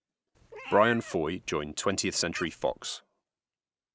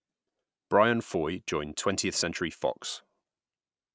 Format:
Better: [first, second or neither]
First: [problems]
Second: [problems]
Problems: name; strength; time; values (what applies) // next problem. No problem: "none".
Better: second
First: background sound (Meow); 14 dB below the speech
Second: none